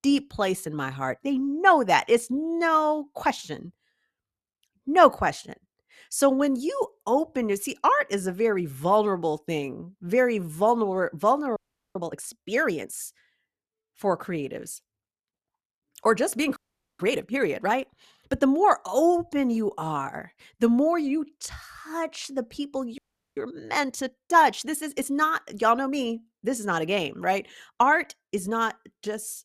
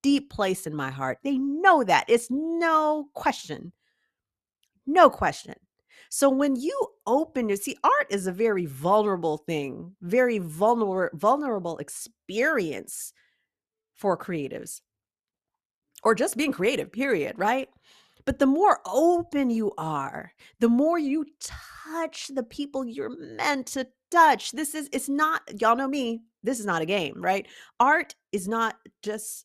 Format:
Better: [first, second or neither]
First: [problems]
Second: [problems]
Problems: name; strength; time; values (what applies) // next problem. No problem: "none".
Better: second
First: audio freezing; at 12 s, at 17 s and at 23 s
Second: none